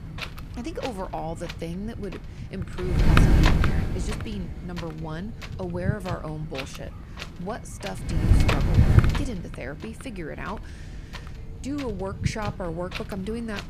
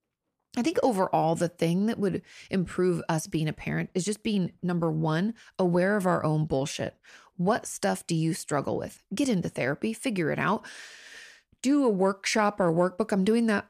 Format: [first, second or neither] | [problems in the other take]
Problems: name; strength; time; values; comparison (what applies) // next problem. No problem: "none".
second | wind noise on the microphone; heavy; 3 dB above the speech